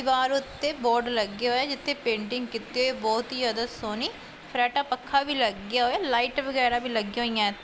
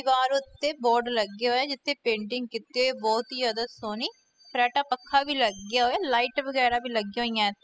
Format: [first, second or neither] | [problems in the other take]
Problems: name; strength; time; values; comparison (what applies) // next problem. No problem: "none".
first | noise reduction (classical method spectral subtraction)